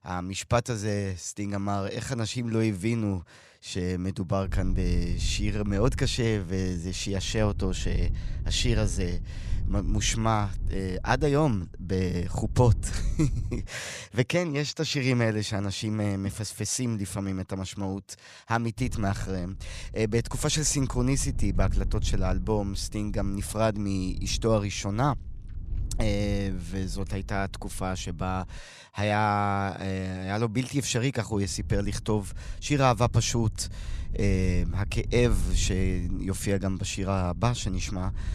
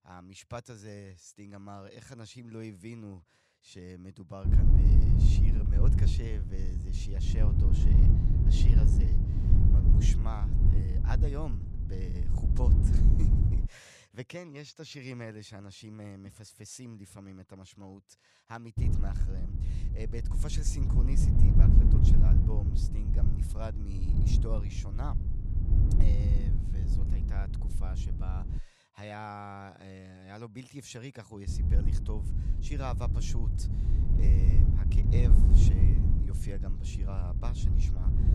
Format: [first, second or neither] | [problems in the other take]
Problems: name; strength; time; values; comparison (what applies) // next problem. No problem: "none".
first | wind noise on the microphone; heavy; from 4.5 to 14 s, from 19 to 29 s and from 31 s on; 2 dB above the speech; occasional gusts in the first